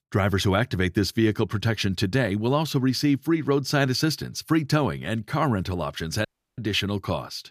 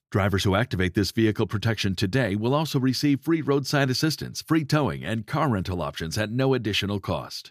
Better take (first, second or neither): second